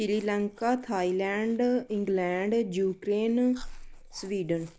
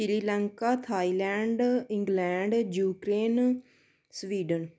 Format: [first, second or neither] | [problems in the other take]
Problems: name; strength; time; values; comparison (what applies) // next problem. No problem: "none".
second | background sound (Chewing, mastication); 20 dB below the speech